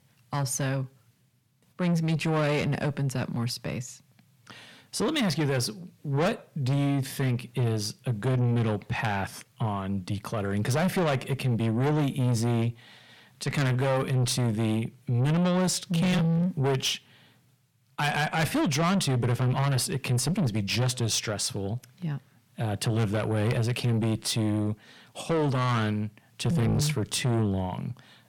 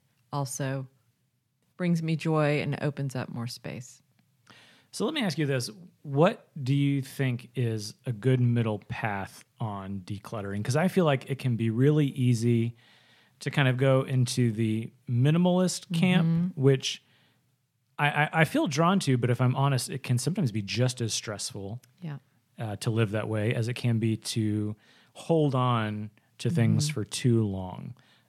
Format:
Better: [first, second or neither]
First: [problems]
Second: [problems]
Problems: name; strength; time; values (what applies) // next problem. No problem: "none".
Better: second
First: distortion; heavy; 6 dB below the speech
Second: none